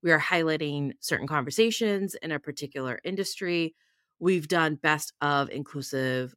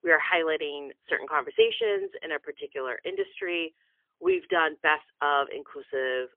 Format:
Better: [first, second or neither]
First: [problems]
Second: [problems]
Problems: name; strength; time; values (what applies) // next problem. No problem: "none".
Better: first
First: none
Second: phone-call audio; poor line; nothing above 3 kHz